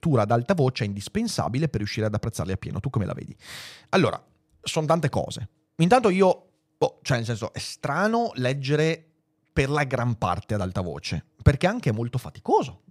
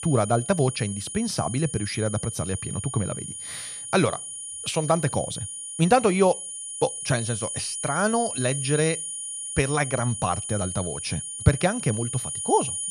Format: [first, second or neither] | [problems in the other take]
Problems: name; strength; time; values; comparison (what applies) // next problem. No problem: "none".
first | high-pitched whine; loud; throughout; 9.5 kHz, 6 dB below the speech